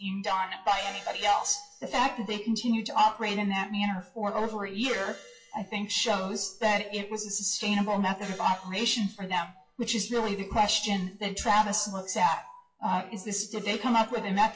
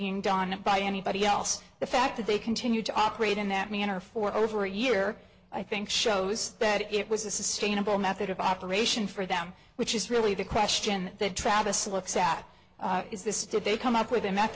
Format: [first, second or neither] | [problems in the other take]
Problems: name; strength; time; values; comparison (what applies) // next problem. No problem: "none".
second | noise reduction (classical method WPE with log-MMSE)